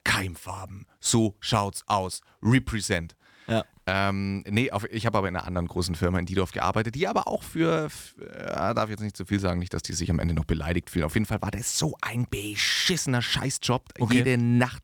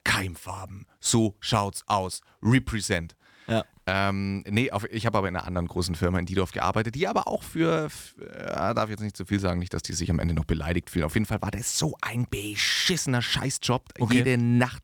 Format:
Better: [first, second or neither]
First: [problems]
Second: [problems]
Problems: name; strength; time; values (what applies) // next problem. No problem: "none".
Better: neither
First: none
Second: none